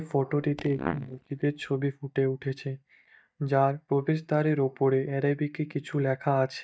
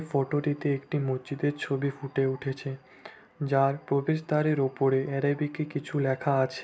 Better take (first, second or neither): second